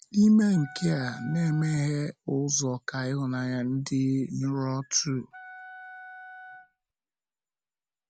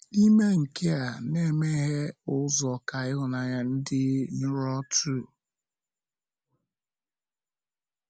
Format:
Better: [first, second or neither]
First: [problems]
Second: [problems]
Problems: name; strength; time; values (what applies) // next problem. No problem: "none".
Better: second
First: background sound (Wind instrument, woodwind instrument); 18 dB below the speech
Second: none